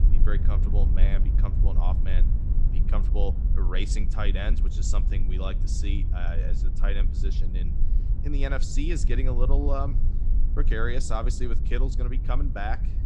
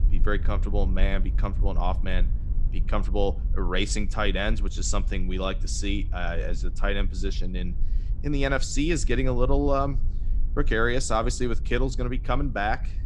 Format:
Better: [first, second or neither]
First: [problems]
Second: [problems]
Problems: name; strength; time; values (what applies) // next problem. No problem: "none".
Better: second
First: low rumble; loud; throughout; 9 dB below the speech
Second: low rumble; faint; throughout; 20 dB below the speech